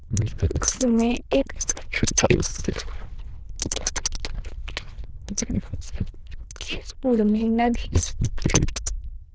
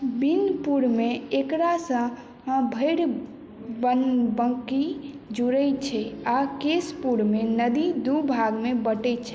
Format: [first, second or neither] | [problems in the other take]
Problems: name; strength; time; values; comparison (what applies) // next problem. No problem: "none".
second | noise reduction (neural diffusion model UNIVERSE++)